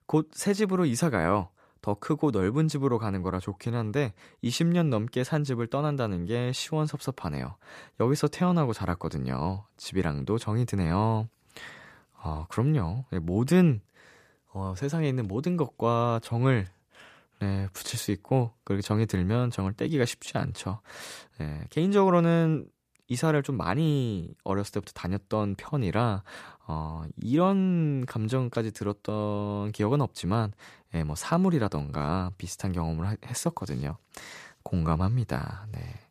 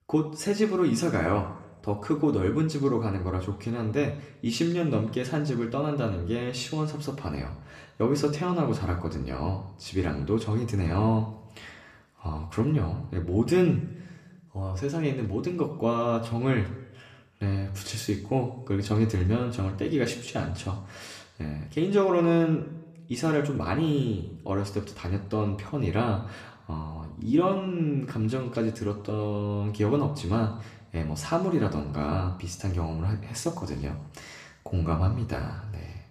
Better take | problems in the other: first | room echo; slight; dies away in 0.7 s // off-mic speech; somewhat distant

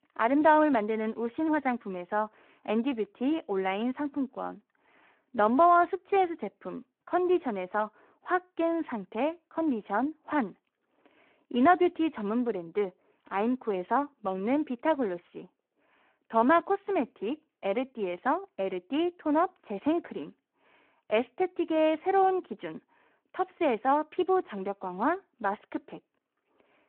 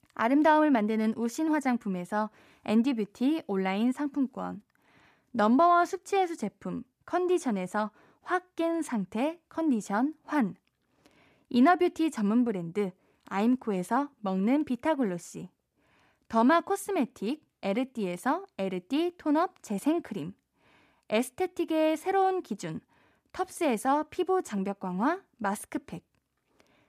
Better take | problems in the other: second | phone-call audio

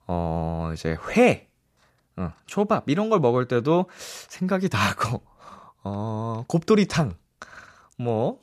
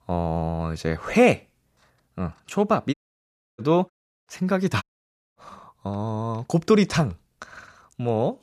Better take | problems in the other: first | audio cutting out; at 3 s for 0.5 s, at 4 s and at 5 s for 0.5 s

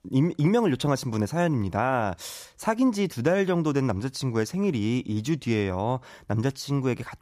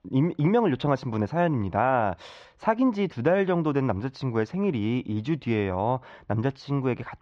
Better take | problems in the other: first | muffled; slightly; fading above 3.5 kHz

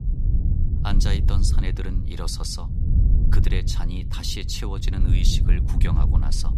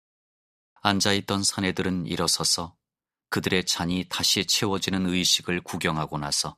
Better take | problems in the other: second | low rumble; loud; throughout; 6 dB below the speech

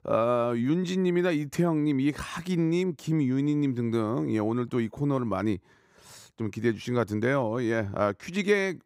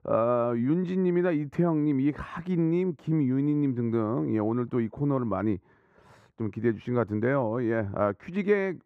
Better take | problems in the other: first | muffled; very; fading above 3 kHz

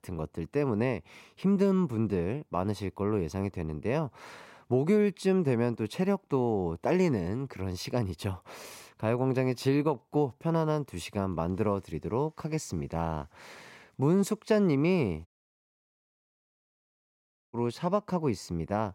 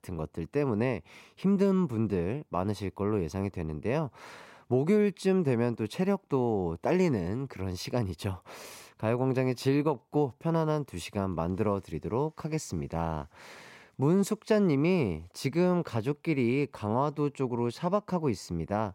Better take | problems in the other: second | audio cutting out; at 15 s for 2.5 s

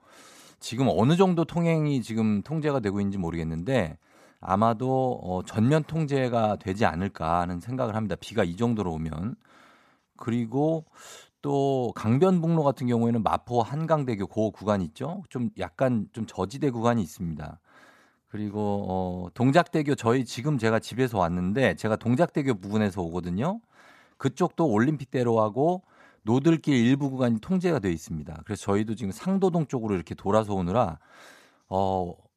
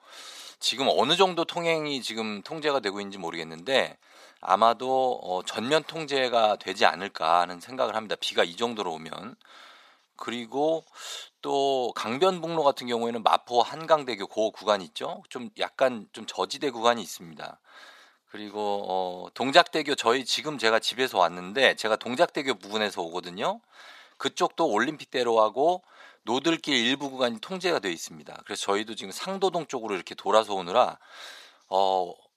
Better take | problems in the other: first | thin; somewhat; fading below 500 Hz

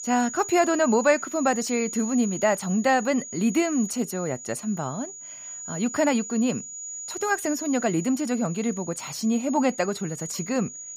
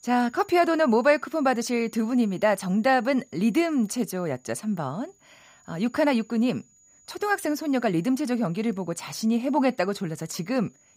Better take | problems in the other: second | high-pitched whine; loud; throughout; 7 kHz, 10 dB below the speech; faint in the second

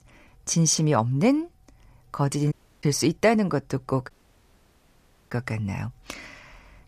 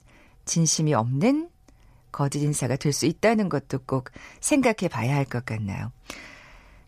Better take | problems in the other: second | audio cutting out; at 2.5 s and at 4 s for 1 s

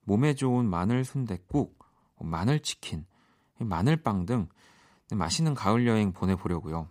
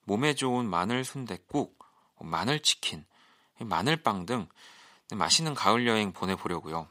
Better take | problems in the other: first | thin; somewhat; fading below 700 Hz

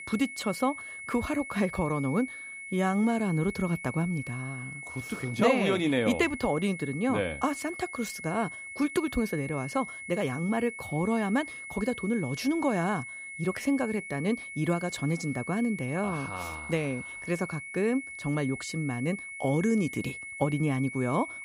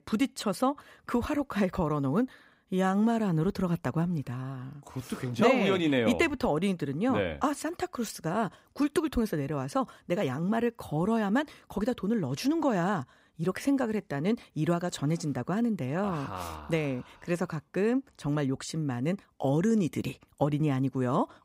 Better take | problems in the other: second | high-pitched whine; loud; throughout; 2 kHz, 9 dB below the speech

